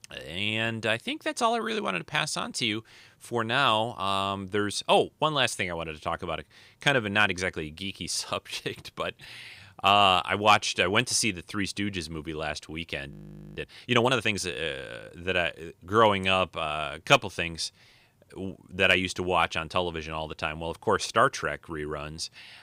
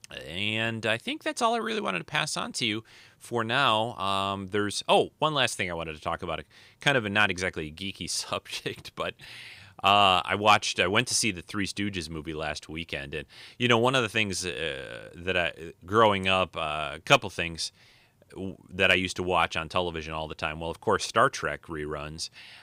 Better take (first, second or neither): second